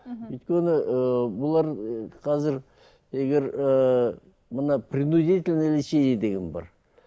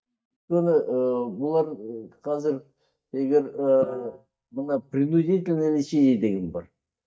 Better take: first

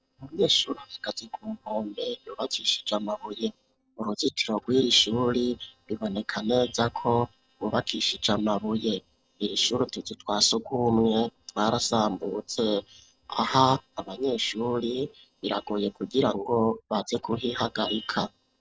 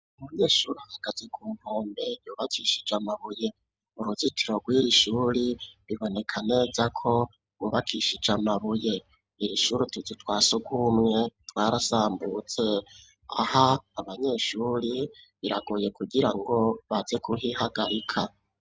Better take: second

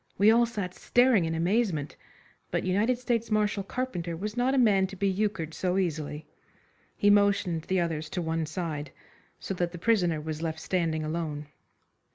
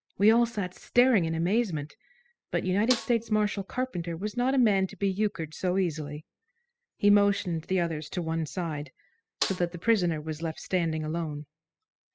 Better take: first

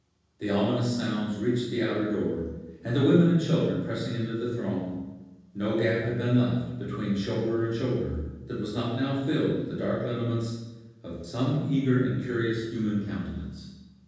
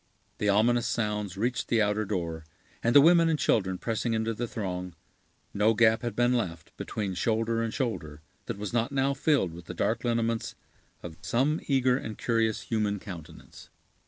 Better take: second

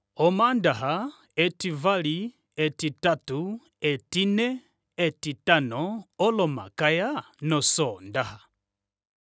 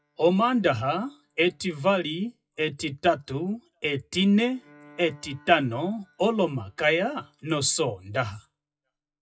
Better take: first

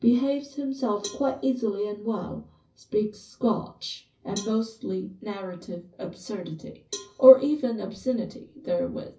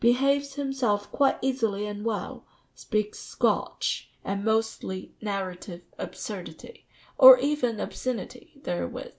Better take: second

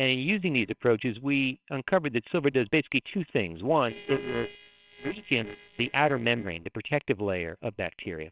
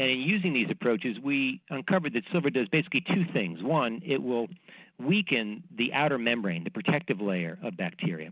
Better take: second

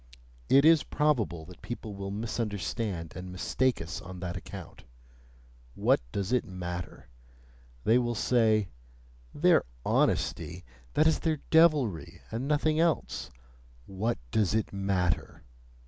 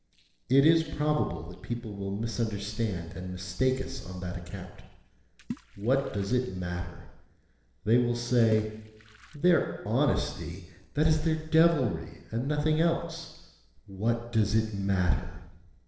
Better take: first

